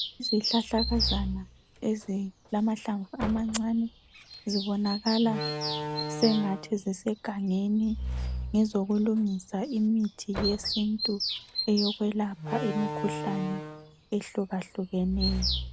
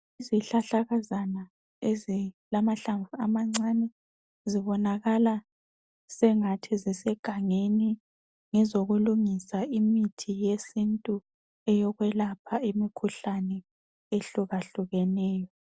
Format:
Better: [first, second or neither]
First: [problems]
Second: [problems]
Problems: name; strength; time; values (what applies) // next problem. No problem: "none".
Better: second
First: background sound (Bird vocalization, bird call, bird song + Slam); 6 dB below the speech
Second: none